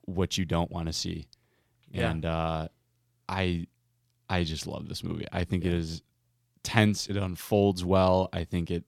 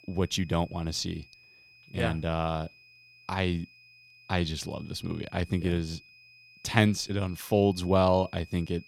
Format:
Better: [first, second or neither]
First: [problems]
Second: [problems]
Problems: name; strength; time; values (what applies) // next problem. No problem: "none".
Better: first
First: none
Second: high-pitched whine; faint; throughout; 2.5 kHz, 25 dB below the speech